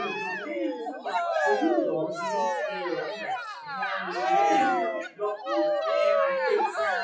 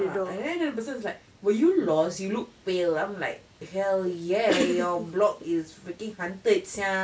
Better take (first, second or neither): second